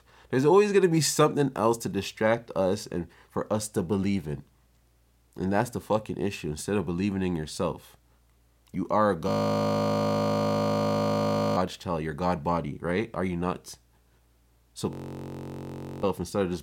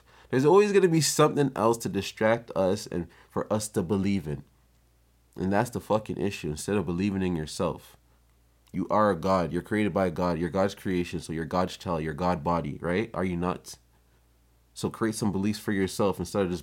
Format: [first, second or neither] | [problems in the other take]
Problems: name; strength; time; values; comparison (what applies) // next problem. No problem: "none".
second | audio freezing; at 9.5 s for 2.5 s and at 15 s for 1 s